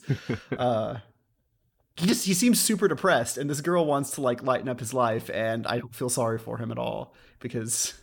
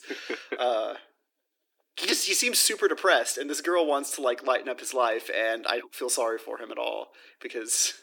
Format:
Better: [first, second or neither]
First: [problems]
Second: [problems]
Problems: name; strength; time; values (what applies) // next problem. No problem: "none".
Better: first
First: none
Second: thin; very; fading below 300 Hz